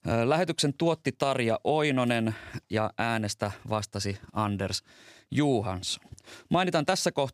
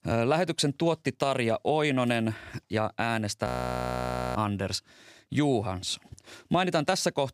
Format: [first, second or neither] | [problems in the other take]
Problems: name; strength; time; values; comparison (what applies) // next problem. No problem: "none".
first | audio freezing; at 3.5 s for 1 s